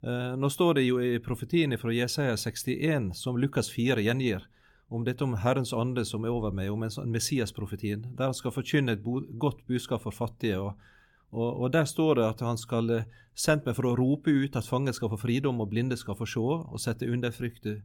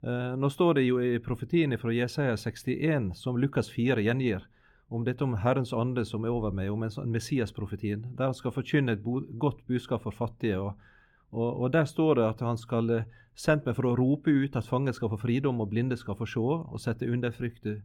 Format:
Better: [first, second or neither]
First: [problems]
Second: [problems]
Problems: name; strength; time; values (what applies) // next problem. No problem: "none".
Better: first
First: none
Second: muffled; slightly; fading above 3.5 kHz